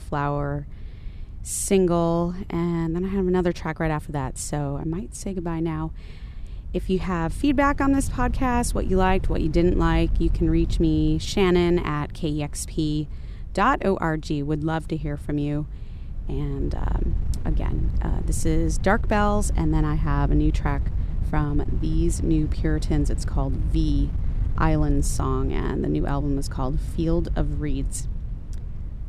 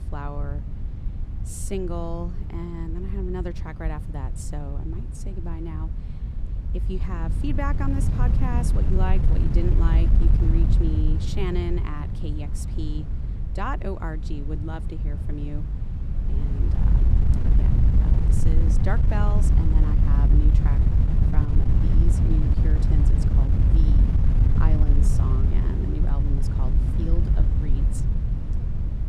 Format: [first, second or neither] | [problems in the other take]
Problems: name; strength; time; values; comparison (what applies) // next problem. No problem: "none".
first | wind noise on the microphone; heavy; 2 dB below the speech; occasional gusts in the first